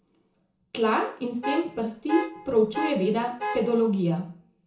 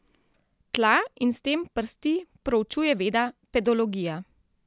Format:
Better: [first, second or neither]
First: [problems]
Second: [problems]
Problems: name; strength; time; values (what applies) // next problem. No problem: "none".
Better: second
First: background sound (Alarm / Car); 8 dB below the speech // room echo; dies away in 0.6 s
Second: none